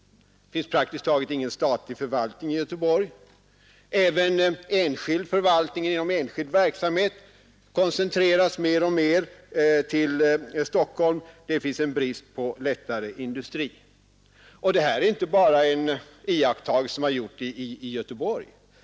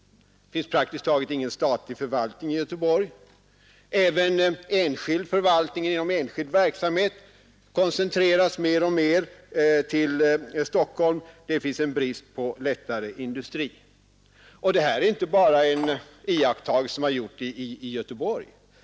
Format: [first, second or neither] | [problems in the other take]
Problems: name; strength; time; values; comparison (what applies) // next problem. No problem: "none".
first | background sound (Cutlery, silverware); 17 dB below the speech